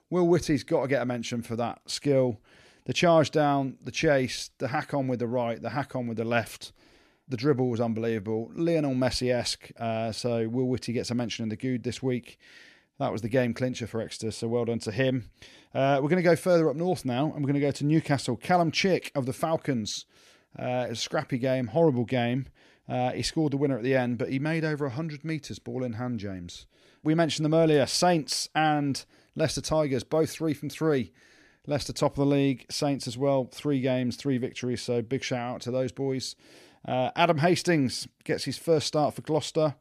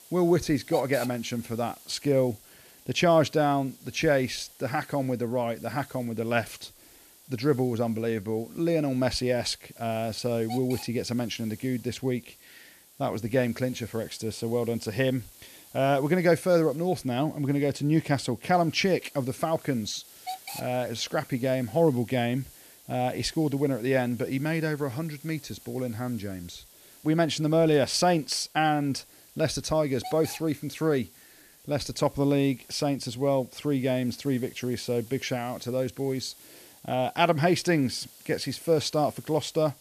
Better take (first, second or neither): first